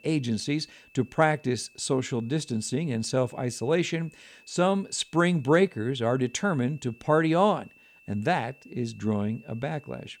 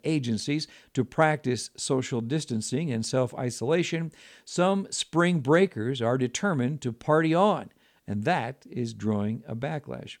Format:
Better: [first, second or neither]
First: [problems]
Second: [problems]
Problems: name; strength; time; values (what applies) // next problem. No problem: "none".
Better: second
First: high-pitched whine; faint; throughout; 2.5 kHz, 30 dB below the speech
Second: none